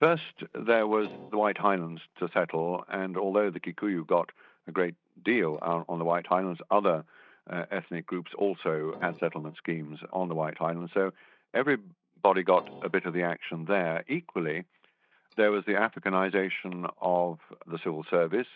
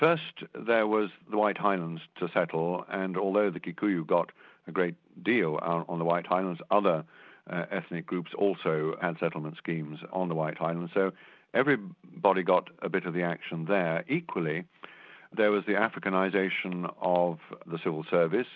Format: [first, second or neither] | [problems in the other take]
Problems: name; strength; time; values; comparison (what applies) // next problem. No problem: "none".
second | noise reduction (neural mask model DeepFilterNet 3)